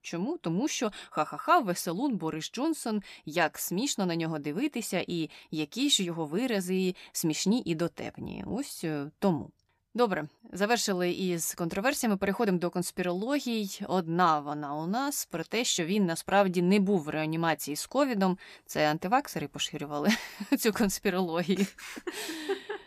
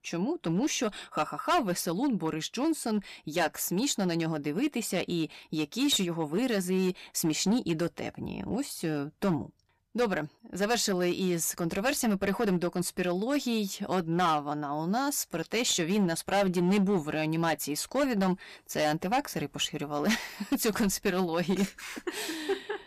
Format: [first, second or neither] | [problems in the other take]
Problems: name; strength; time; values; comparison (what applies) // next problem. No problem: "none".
first | distortion; slight; 6% of the sound clipped